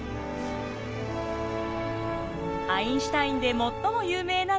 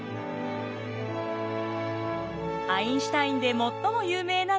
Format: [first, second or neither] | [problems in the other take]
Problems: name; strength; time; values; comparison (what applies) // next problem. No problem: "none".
second | background sound (Truck); 13 dB below the speech